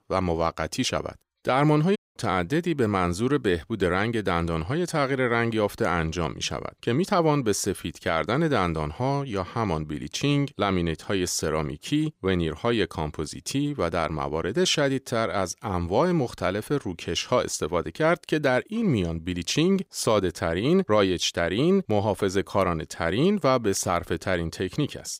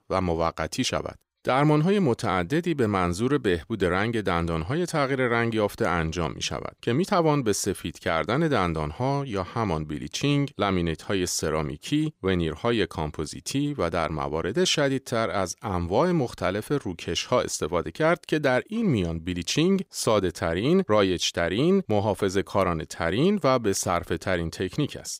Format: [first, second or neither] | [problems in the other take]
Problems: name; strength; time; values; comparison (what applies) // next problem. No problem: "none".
second | audio cutting out; at 2 s